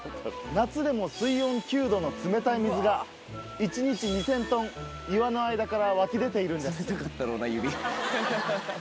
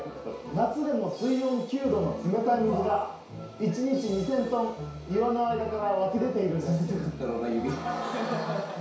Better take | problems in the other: first | room echo; dies away in 0.6 s

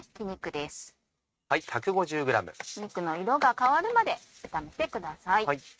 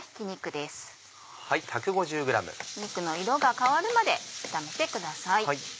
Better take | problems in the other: second | noise reduction (neural mask model RNNoise)

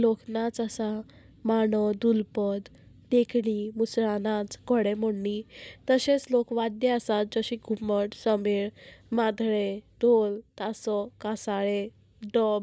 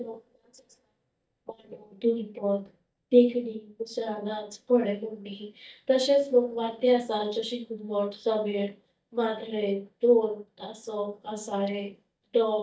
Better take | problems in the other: first | noise reduction (neural mask model DeepFilterNet 3)

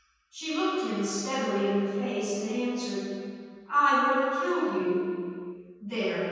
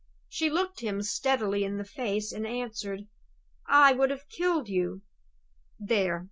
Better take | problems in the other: second | room echo; dies away in 2.1 s

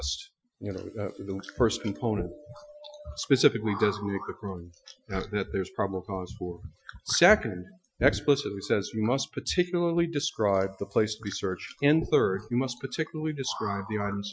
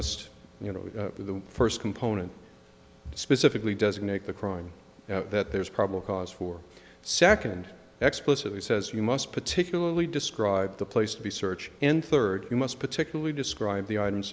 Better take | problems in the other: second | noise reduction (classical method Wiener filter)

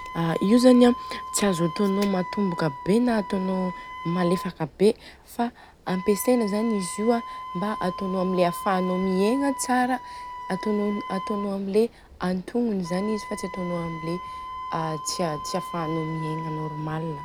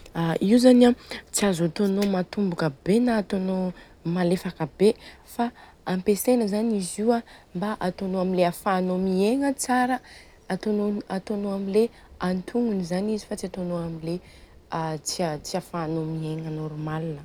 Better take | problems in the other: second | background sound (Wind instrument, woodwind instrument); 11 dB below the speech

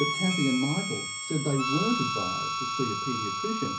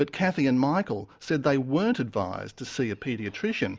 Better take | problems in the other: second | background sound (Harmonica); 1 dB below the speech // room echo; dies away in 0.5 s

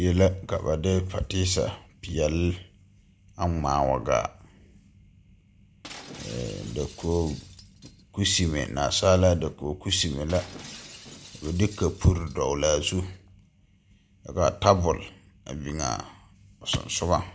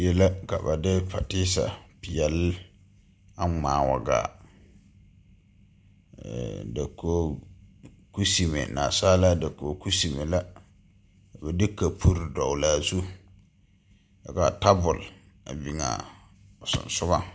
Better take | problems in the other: second | background sound (Shatter); 20 dB below the speech

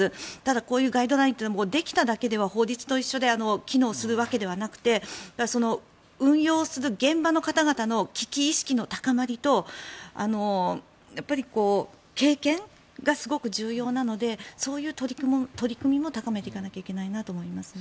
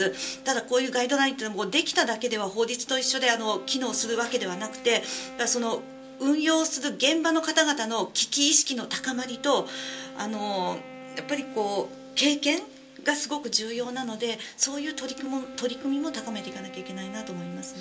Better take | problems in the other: first | background sound (Wind instrument, woodwind instrument); 17 dB below the speech // room echo; dies away in 0.2 s

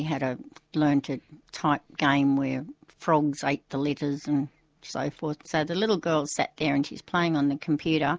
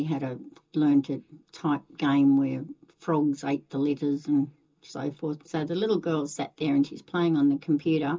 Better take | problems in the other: first | room echo; dies away in 0.2 s

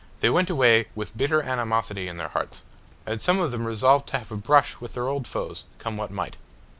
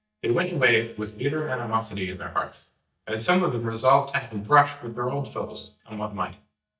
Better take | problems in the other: first | noise reduction (neural mask model DeepFilterNet 3)

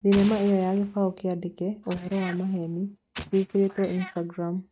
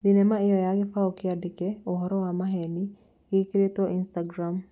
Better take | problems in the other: second | noise reduction (neural mask model RNNoise)

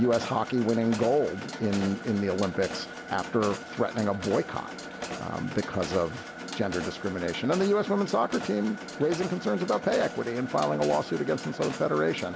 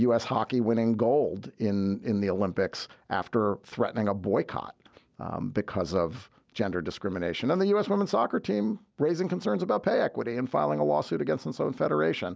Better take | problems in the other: second | background sound (Mechanisms); 10 dB below the speech

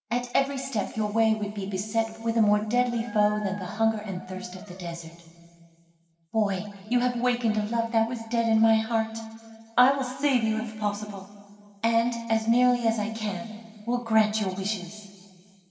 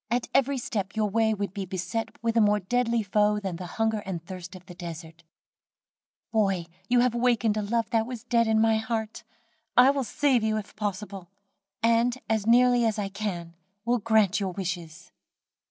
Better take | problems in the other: second | background sound (Dog); 19 dB below the speech // room echo; dies away in 2.3 s

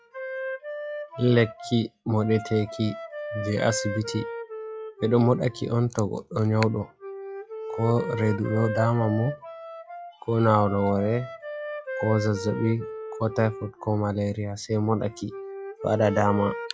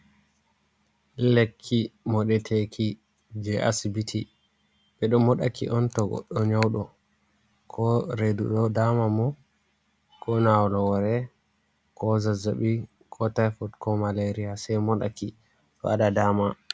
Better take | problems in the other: second | noise reduction (classical method log-MMSE)

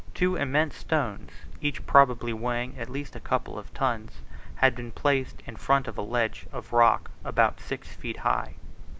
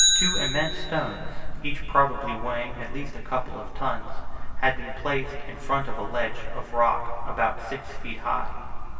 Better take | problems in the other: first | background sound (Bicycle); 7 dB below the speech // room echo; dies away in 2.6 s

